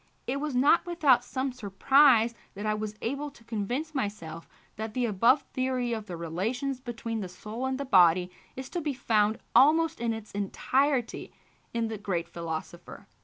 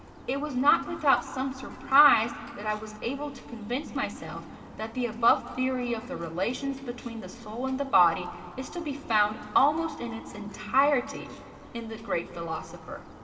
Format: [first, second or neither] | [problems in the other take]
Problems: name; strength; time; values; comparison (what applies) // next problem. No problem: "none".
first | background sound (Bird); 19 dB below the speech // room echo; dies away in 2.3 s